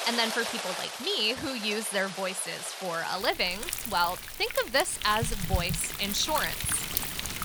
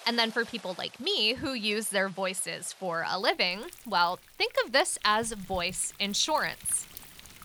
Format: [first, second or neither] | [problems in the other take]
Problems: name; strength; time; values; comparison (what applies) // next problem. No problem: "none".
second | rain or running water; loud; throughout; 4 dB below the speech; faint in the second